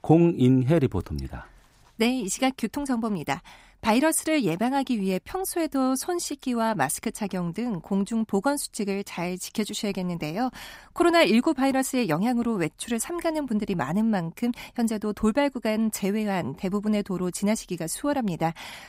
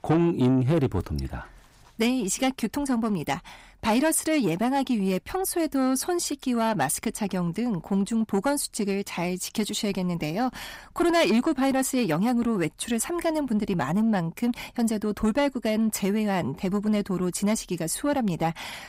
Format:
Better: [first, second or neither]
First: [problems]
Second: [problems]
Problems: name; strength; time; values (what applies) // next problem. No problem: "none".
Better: first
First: none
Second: distortion; slight; 10 dB below the speech